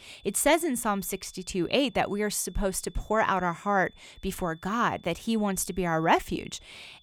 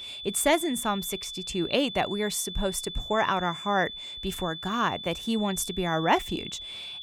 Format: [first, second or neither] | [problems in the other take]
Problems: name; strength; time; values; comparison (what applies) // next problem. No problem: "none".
first | high-pitched whine; loud; throughout; 3.5 kHz, 8 dB below the speech; faint in the first